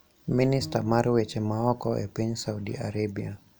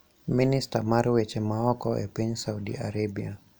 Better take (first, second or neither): second